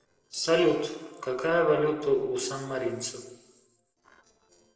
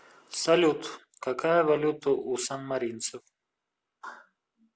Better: second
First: noise reduction (neural separator model SepFormer DNS4)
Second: none

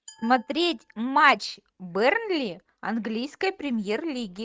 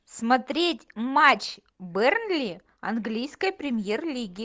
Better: second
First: noise reduction (neural mask model RNNoise)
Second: none

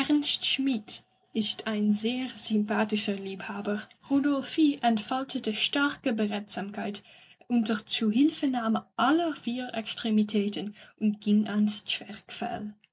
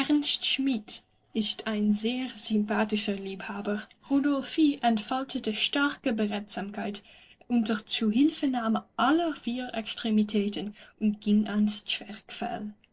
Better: first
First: none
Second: noise reduction (neural separator model SepFormer DNS4)

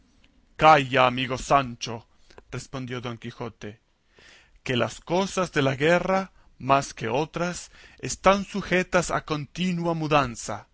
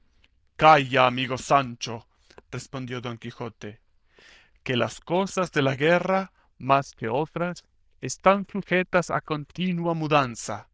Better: first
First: none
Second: noise reduction (neural diffusion model UNIVERSE++)

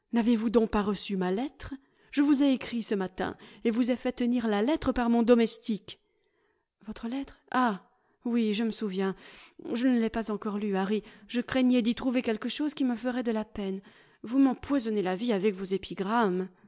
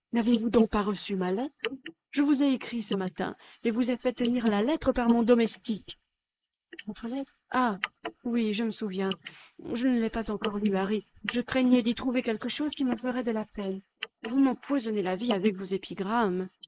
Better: first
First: none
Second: noise reduction (neural mask model Resemble Enhance denoiser)

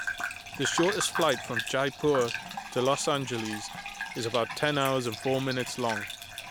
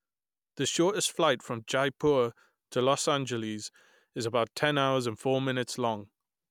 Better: second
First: background sound (Bathtub (filling or washing) / Gurgling); 7 dB below the speech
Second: none

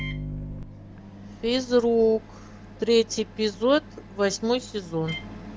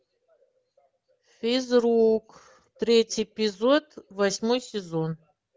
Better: second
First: background sound (Microwave oven); 13 dB below the speech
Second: none

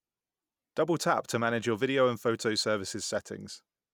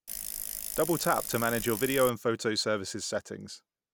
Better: first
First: none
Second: background sound (Bicycle); 7 dB below the speech

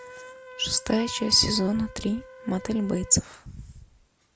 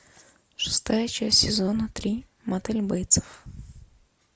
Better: second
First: background sound (Wind instrument, woodwind instrument); 16 dB below the speech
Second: none

